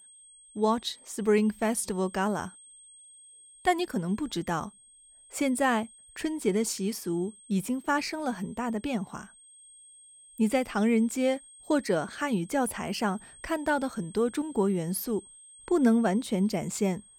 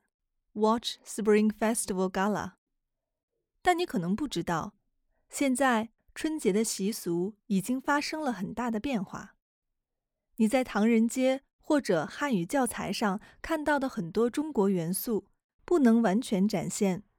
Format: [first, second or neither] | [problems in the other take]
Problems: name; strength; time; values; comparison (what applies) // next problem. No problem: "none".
second | high-pitched whine; faint; throughout; 8.5 kHz, 20 dB below the speech